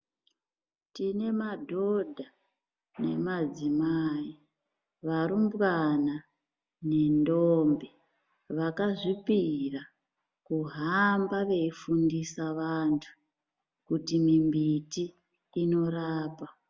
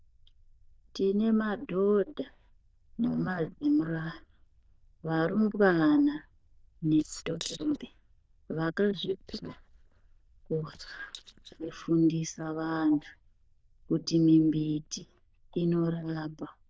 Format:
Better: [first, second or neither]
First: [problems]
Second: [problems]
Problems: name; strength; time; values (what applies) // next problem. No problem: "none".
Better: first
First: none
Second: noise reduction (neural diffusion model UNIVERSE++)